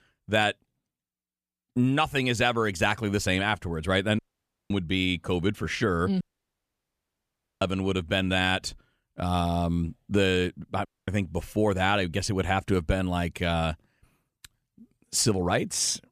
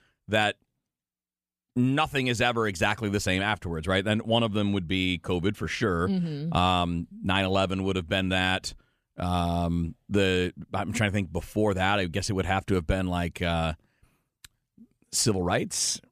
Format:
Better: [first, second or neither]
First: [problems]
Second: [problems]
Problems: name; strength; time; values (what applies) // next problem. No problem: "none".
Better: second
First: audio cutting out; at 4 s for 0.5 s, at 6 s for 1.5 s and at 11 s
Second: none